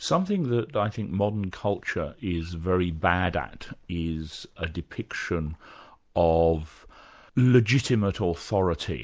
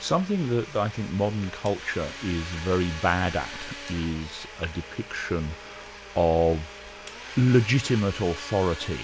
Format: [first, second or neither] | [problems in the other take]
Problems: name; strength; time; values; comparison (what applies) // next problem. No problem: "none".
first | background sound (Domestic sounds, home sounds); 14 dB below the speech